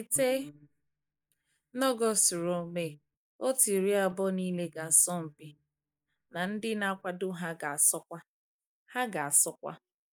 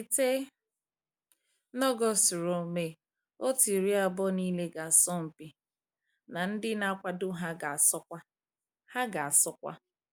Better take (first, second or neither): second